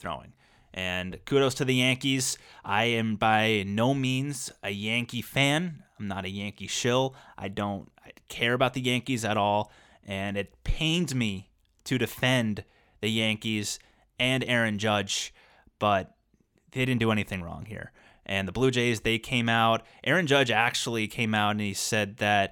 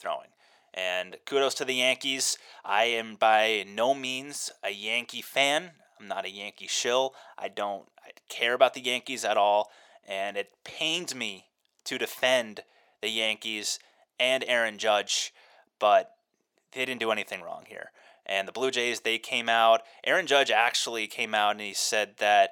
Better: first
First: none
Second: thin; very; fading below 500 Hz

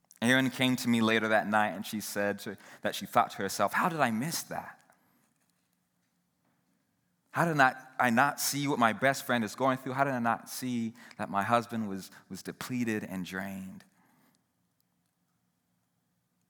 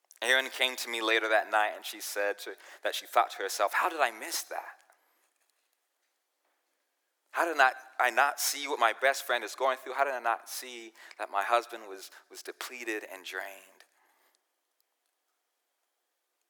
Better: first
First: none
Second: thin; very; fading below 350 Hz

